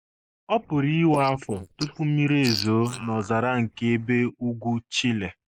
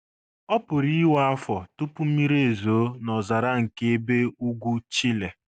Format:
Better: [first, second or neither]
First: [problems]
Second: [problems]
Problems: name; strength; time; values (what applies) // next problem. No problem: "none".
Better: second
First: noise reduction (neural mask model Resemble Enhance denoiser)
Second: none